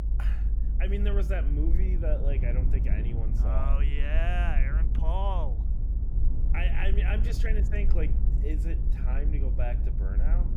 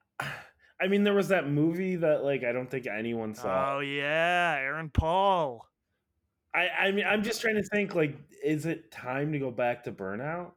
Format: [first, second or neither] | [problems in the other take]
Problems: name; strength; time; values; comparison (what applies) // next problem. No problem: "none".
second | low rumble; loud; throughout; 8 dB below the speech